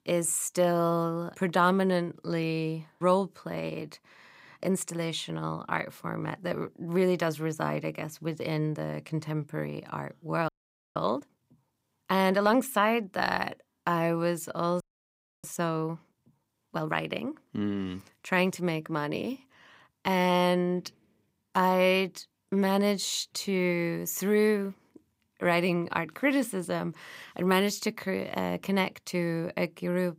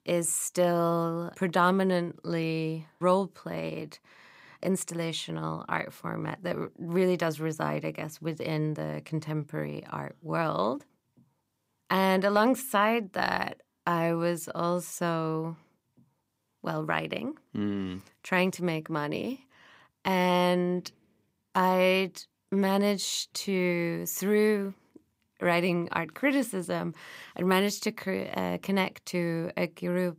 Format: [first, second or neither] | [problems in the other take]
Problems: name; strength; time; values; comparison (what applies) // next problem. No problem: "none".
second | audio freezing; at 10 s and at 15 s for 0.5 s